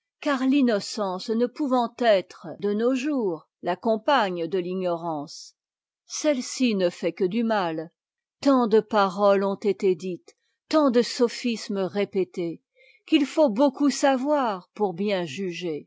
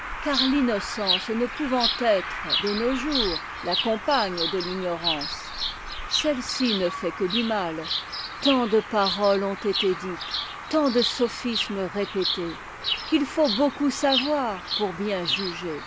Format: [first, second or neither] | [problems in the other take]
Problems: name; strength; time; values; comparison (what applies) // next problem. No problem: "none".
first | background sound (Bird vocalization, bird call, bird song); 4 dB below the speech